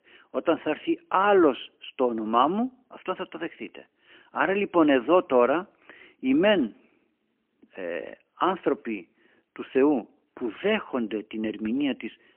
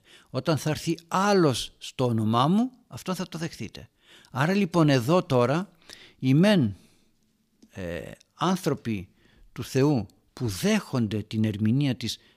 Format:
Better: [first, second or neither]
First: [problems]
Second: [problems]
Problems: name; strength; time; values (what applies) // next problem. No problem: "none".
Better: second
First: phone-call audio; poor line; nothing above 3 kHz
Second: none